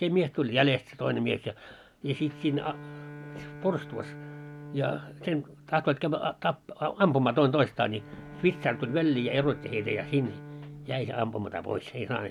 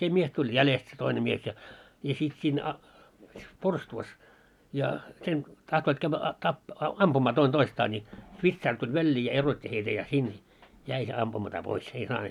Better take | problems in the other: second | background sound (Bowed string instrument); 17 dB below the speech

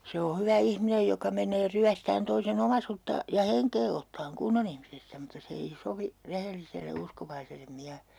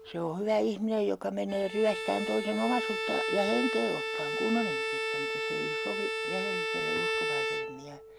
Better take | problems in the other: first | background sound (Bowed string instrument); 1 dB below the speech

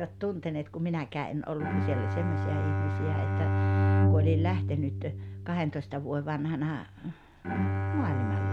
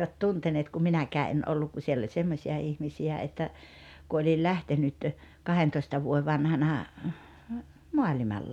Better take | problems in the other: second | background sound (Bowed string instrument); 4 dB above the speech

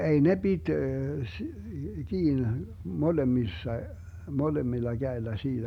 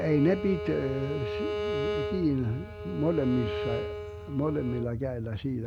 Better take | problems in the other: first | background sound (Bowed string instrument); 6 dB below the speech

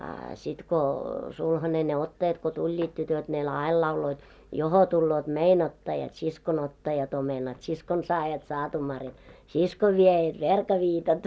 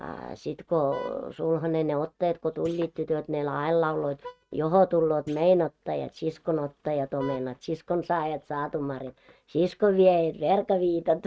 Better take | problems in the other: first | noise reduction (neural mask model RNNoise)

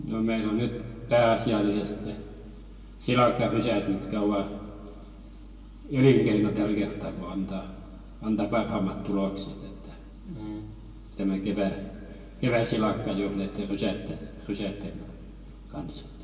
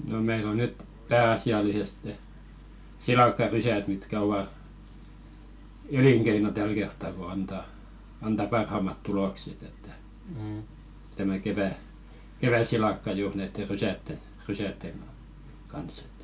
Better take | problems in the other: second | room echo; dies away in 1.7 s

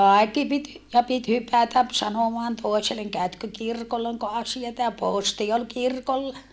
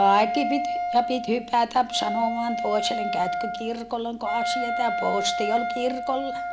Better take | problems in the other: first | background sound (Wind instrument, woodwind instrument); 3 dB below the speech

